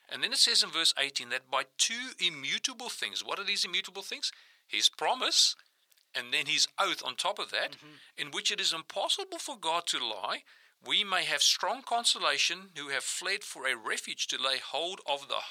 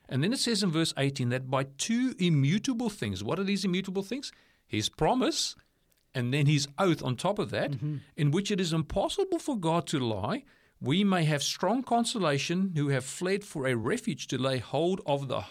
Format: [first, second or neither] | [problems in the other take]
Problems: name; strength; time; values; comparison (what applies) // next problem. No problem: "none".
second | thin; very; fading below 950 Hz